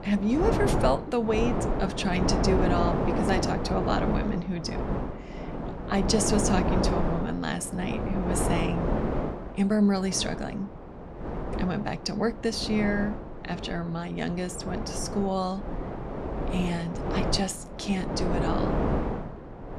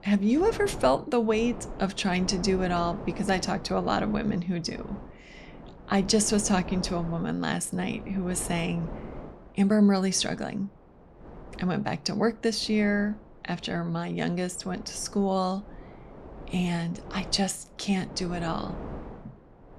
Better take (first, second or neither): second